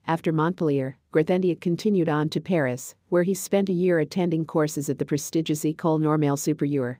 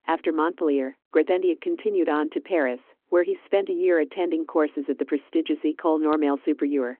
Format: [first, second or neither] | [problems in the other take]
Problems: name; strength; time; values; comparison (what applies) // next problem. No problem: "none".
first | phone-call audio